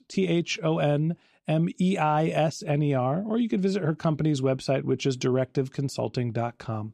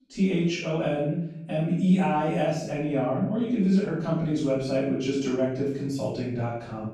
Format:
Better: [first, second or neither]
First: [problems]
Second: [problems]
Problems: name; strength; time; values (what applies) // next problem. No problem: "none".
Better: first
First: none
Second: off-mic speech; far // room echo; noticeable; dies away in 0.6 s